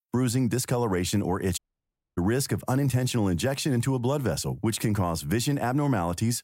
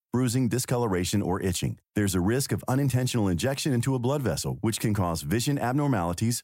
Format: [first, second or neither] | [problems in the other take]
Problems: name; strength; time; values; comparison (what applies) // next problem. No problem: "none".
second | audio cutting out; at 1.5 s for 0.5 s